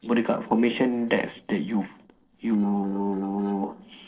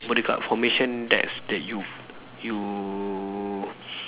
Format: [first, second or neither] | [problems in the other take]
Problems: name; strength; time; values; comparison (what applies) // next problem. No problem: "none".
second | noise reduction (neural separator model SepFormer DNS4)